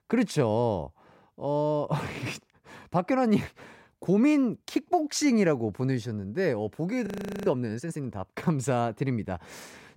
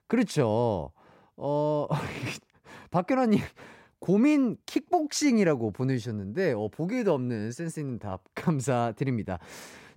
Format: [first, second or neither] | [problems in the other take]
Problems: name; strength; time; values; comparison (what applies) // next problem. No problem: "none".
second | audio freezing; at 7 s